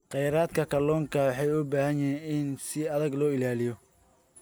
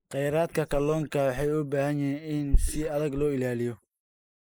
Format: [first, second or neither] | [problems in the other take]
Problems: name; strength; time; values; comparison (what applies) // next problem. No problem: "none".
first | noise reduction (neural mask model Resemble Enhance denoiser)